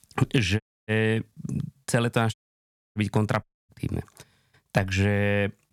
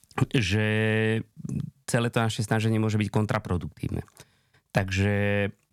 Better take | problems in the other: second | audio cutting out; at 0.5 s, at 2.5 s for 0.5 s and at 3.5 s

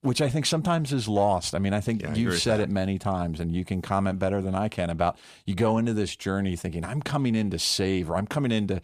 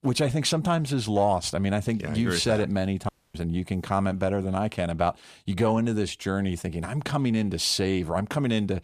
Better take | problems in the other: first | audio cutting out; at 3 s

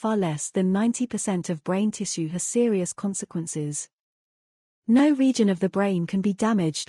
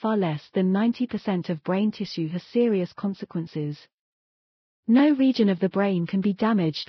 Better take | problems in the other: first | garbled, watery; badly; nothing above 5.5 kHz; slightly in the first

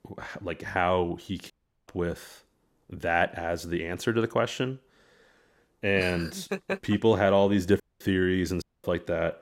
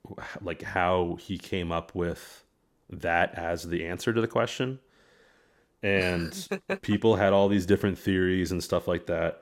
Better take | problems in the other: second | audio cutting out; at 1.5 s, at 8 s and at 8.5 s

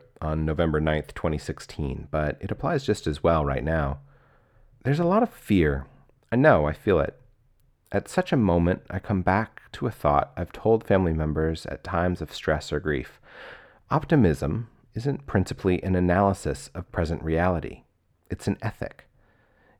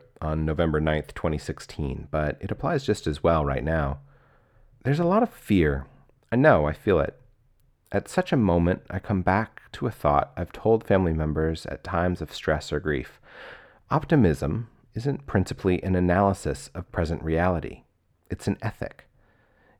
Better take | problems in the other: neither | muffled; slightly; fading above 3 kHz; the same in both

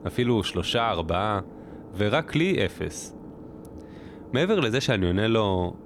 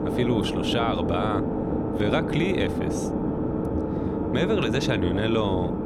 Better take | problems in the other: first | low rumble; loud; throughout; 2 dB below the speech; faint in the first

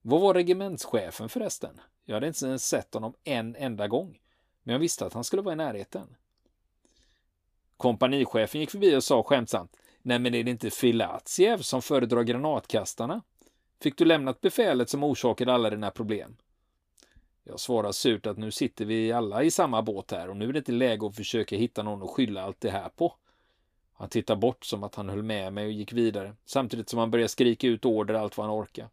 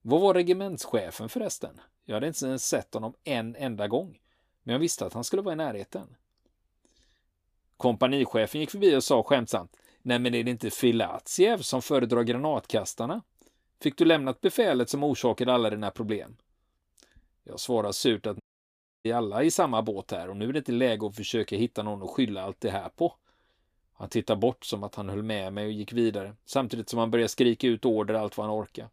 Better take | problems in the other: first | audio cutting out; at 18 s for 0.5 s

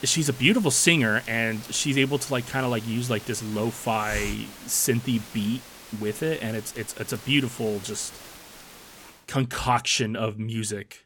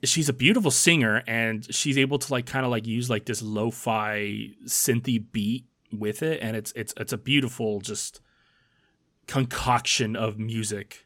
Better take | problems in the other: second | hiss; noticeable; until 9 s; 15 dB below the speech

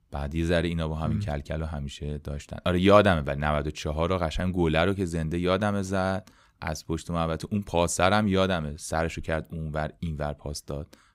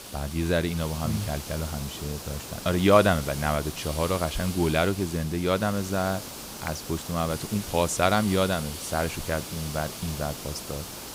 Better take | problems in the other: first | hiss; loud; throughout; 9 dB below the speech

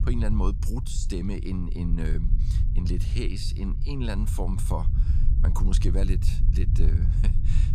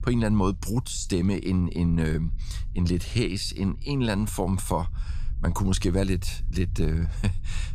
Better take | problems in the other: second | low rumble; loud; throughout; 7 dB below the speech; faint in the second

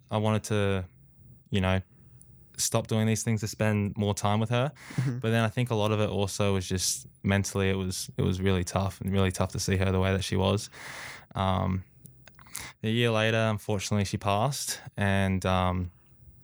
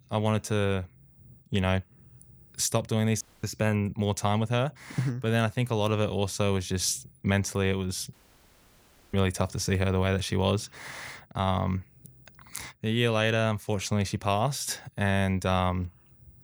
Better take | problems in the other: first | audio cutting out; at 3 s and at 8 s for 1 s

